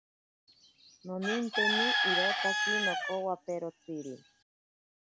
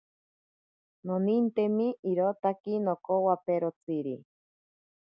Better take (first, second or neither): second